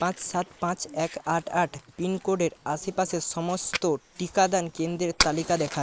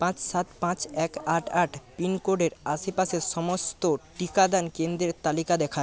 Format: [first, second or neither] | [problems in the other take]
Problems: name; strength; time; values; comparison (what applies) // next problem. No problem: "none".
second | noise reduction (neural mask model Resemble Enhance denoiser)